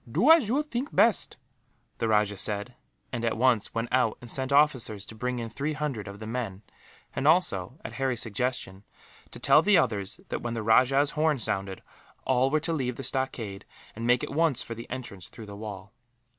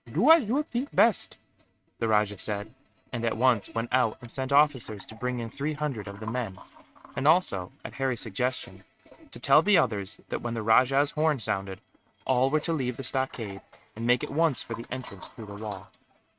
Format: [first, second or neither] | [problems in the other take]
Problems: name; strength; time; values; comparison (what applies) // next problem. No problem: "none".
first | noise reduction (neural mask model RNNoise)